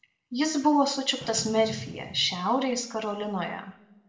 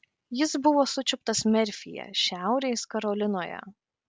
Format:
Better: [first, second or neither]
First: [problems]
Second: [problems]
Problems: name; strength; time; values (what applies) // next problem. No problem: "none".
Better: second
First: background sound (Fireworks); 15 dB below the speech // room echo; dies away in 0.7 s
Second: none